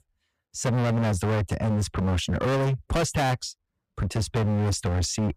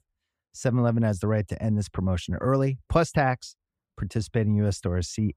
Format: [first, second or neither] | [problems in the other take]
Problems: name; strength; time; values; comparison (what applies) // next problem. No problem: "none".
second | distortion; heavy; 32% of the sound clipped